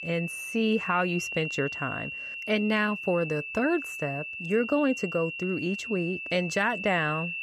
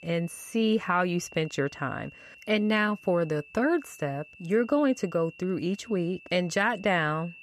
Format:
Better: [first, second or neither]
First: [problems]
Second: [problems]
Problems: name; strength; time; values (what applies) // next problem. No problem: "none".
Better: second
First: high-pitched whine; loud; throughout; 2.5 kHz, 6 dB below the speech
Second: high-pitched whine; faint; throughout; 2.5 kHz, 20 dB below the speech